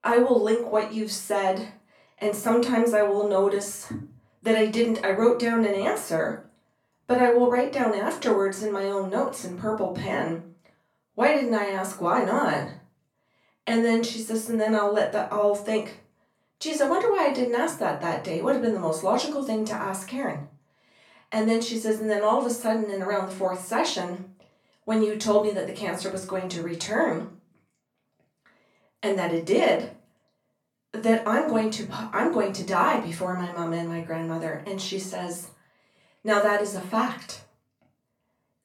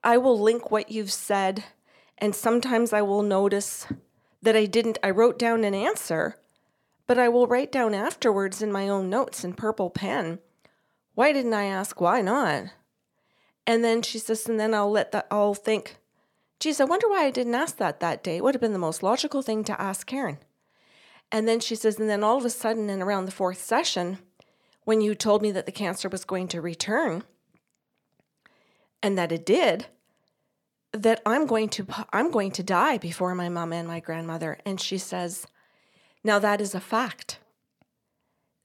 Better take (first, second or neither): second